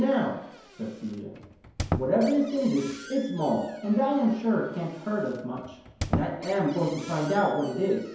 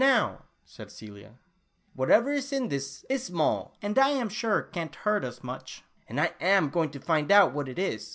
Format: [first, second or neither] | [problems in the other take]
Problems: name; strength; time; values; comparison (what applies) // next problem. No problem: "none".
second | background sound (Squeak); 11 dB below the speech // room echo; dies away in 0.9 s